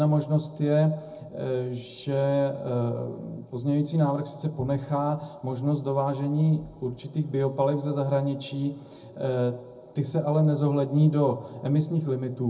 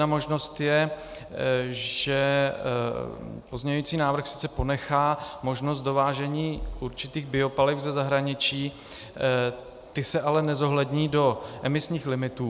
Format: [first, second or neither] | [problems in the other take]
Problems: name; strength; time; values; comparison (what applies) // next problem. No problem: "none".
second | room echo; dies away in 0.4 s